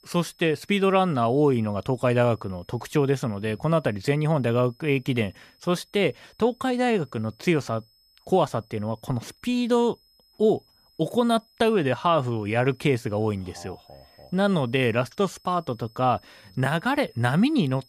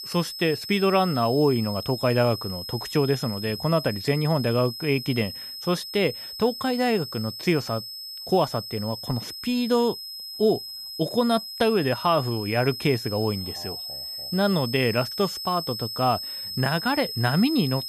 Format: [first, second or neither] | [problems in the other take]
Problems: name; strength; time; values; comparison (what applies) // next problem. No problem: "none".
first | high-pitched whine; loud; throughout; 5 kHz, 8 dB below the speech; faint in the first